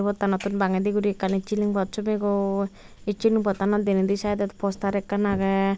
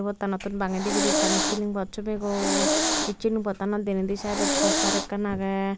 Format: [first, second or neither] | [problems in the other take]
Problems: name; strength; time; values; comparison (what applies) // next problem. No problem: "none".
first | background sound (Hiss); 1 dB above the speech